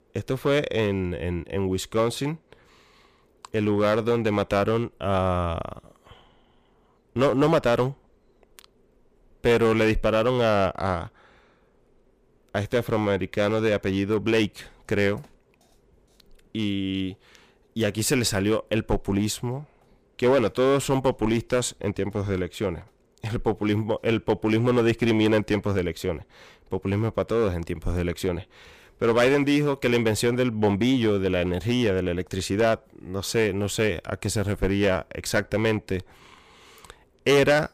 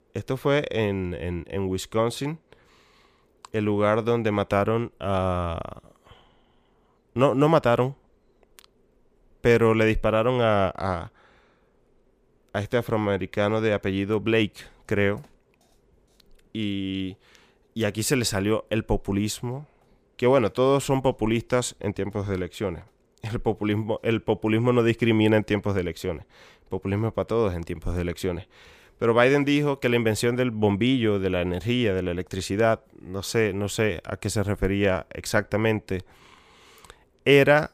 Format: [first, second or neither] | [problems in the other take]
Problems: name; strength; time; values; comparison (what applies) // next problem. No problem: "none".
second | distortion; slight; 4% of the sound clipped